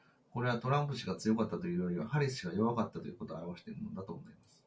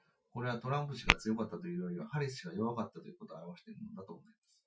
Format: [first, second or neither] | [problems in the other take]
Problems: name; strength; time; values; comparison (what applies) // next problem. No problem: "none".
first | noise reduction (classical method Wiener filter)